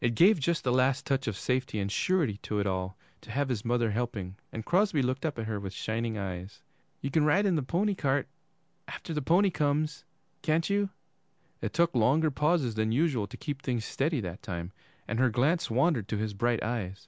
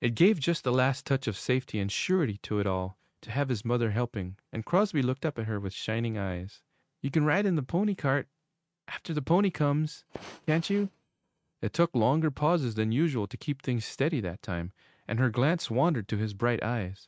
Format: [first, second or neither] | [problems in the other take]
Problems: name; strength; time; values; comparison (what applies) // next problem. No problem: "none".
first | noise reduction (neural mask model RNNoise)